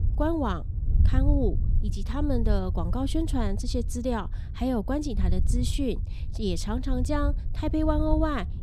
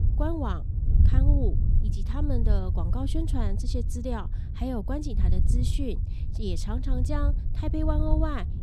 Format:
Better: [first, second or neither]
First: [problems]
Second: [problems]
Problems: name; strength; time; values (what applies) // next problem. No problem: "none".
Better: first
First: wind noise on the microphone; occasional gusts; 15 dB below the speech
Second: wind noise on the microphone; heavy; 8 dB below the speech